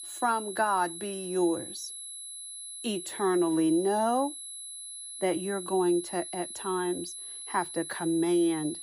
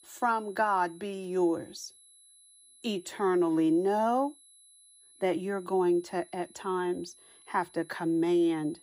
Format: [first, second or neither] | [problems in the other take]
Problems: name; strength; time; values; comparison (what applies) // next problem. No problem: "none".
second | high-pitched whine; loud; throughout; 11 kHz, 9 dB below the speech; faint in the second